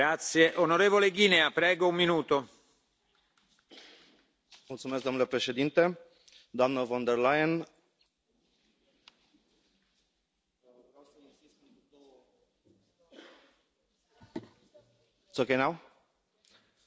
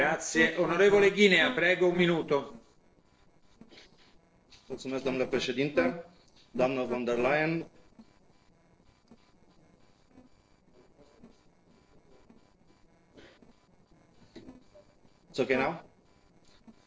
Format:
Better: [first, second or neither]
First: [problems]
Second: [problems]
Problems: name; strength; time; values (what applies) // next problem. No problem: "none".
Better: first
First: none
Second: noise reduction (neural separator model SepFormer DNS4)